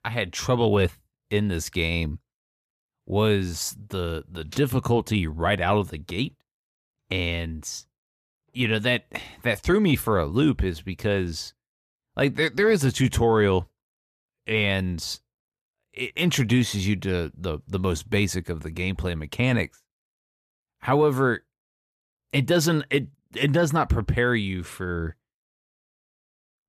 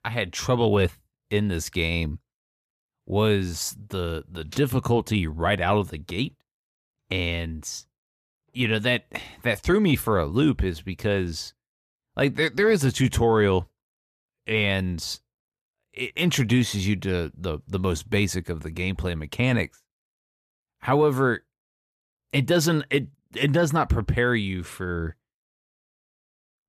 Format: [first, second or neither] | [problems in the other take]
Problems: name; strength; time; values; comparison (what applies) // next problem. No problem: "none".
neither | none